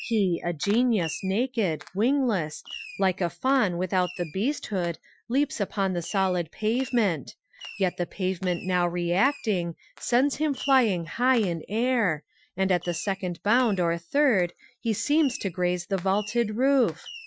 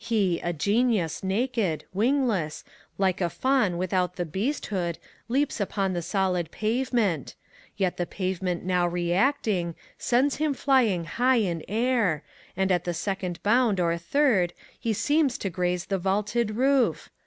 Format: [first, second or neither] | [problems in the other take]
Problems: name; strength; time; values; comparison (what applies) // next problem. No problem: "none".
second | noise reduction (classical method Wiener filter)